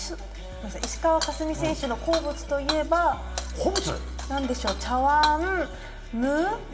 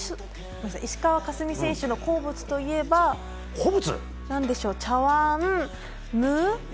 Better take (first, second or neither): second